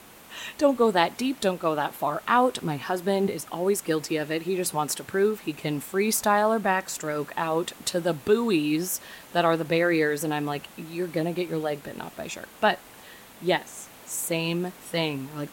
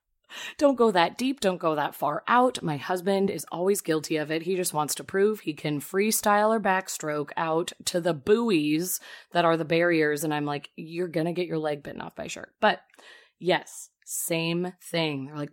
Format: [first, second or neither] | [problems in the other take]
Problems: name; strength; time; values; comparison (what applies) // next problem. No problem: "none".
second | hiss; faint; throughout; 20 dB below the speech